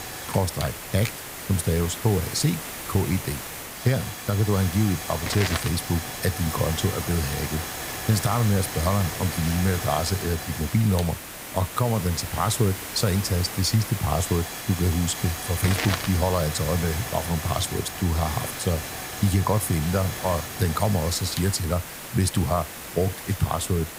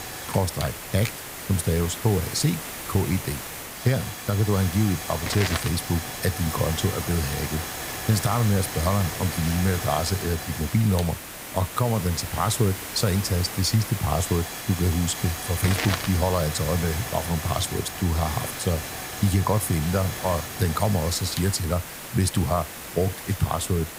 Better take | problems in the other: neither | hiss; loud; throughout; 6 dB below the speech; the same in both

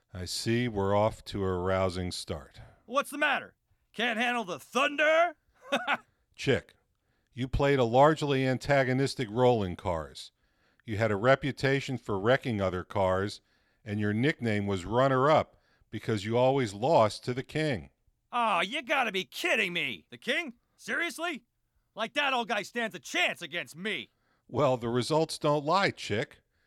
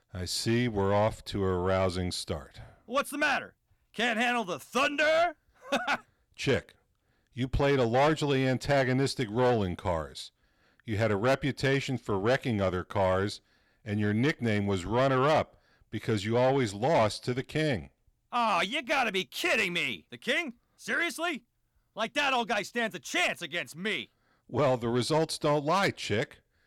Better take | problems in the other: first | distortion; slight; 10 dB below the speech

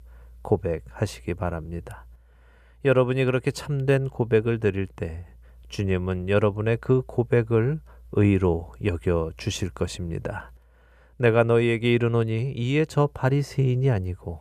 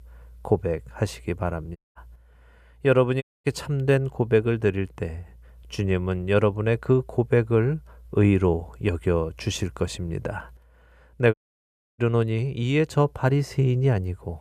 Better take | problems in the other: first | audio cutting out; at 2 s, at 3 s and at 11 s for 0.5 s

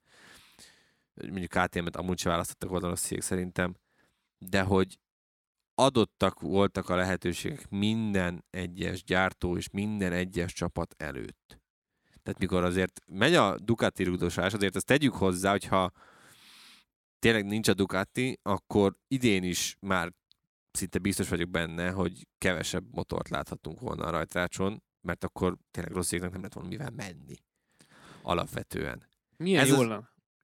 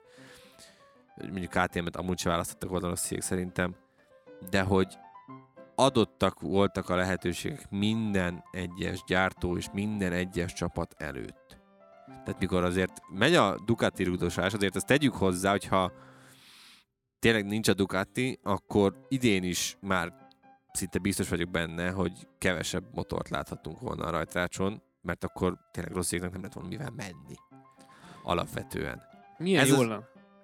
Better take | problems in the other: first | background music; faint; throughout; 25 dB below the speech

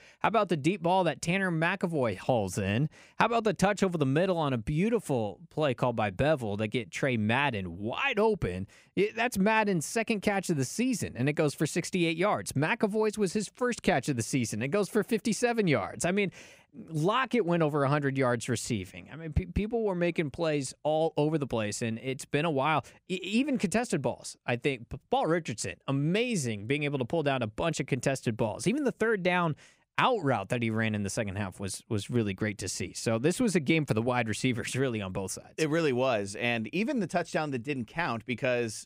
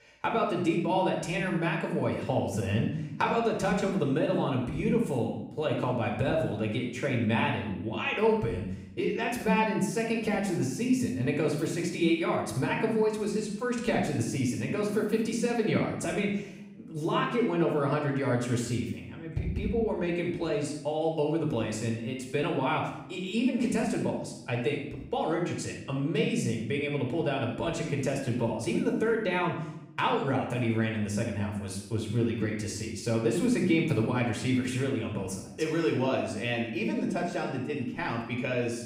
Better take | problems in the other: first | off-mic speech; far // room echo; noticeable; dies away in 0.7 s

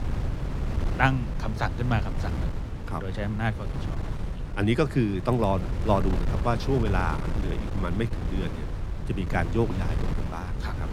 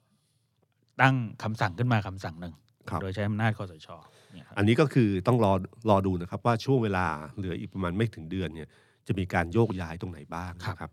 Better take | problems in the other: second | wind noise on the microphone; heavy; 10 dB below the speech

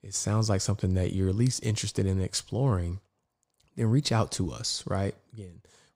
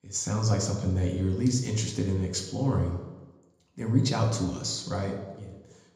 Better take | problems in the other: first | room echo; noticeable; dies away in 1 s // off-mic speech; somewhat distant

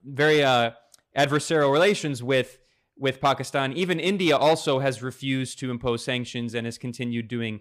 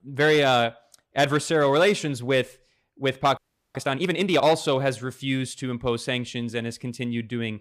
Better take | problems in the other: first | audio freezing; at 3.5 s

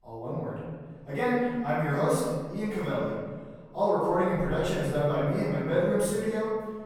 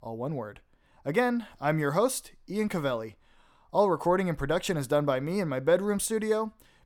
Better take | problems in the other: second | off-mic speech; far // room echo; strong; dies away in 1.6 s

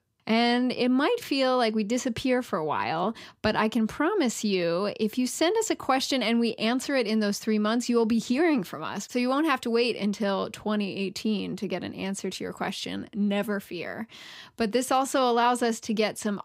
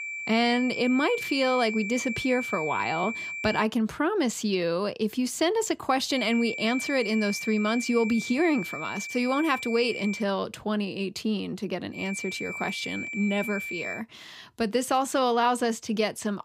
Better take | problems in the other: first | high-pitched whine; loud; until 3.5 s, from 6 to 10 s and from 12 to 14 s; 2.5 kHz, 6 dB below the speech

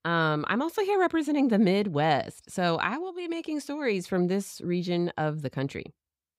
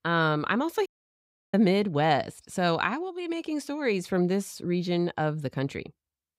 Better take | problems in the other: first | audio cutting out; at 1 s for 0.5 s

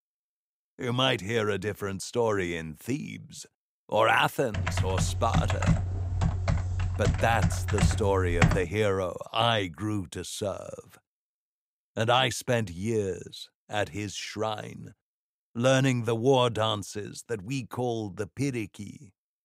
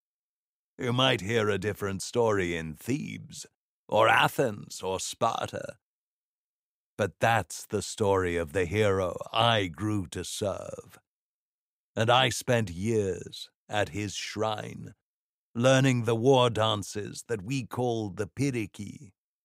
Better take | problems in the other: second | keyboard typing; loud; from 4.5 to 8.5 s; peak 4 dB above the speech

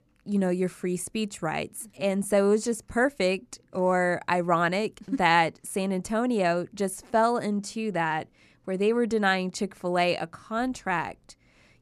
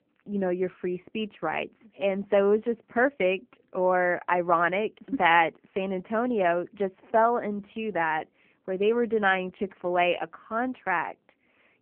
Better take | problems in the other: first | phone-call audio; poor line; nothing above 3 kHz

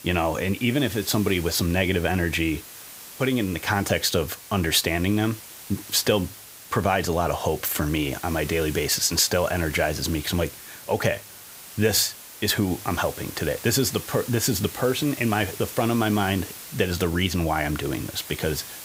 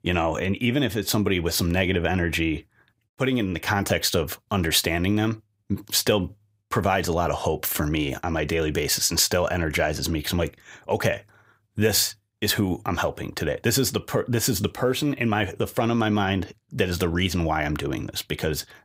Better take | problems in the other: second | hiss; noticeable; throughout; 15 dB below the speech

